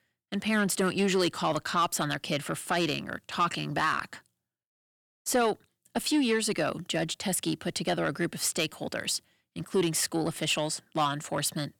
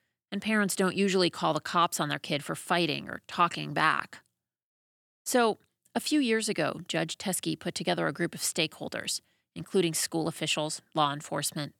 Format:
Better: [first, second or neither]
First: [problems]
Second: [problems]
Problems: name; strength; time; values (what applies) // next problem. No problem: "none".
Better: second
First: distortion; slight; 10 dB below the speech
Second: none